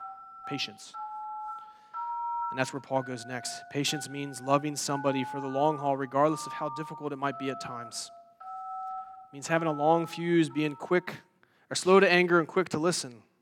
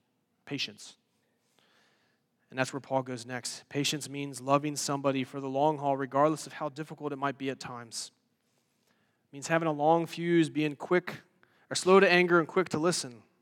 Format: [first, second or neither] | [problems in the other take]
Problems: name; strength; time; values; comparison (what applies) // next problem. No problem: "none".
second | alarms or sirens; noticeable; until 10 s; 10 dB below the speech